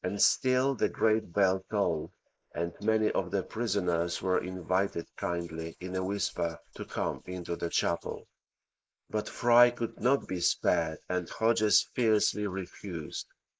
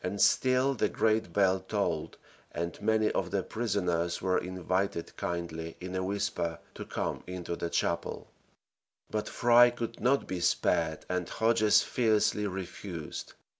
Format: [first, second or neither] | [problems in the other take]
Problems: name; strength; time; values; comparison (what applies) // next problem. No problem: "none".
second | noise reduction (neural mask model Resemble Enhance denoiser)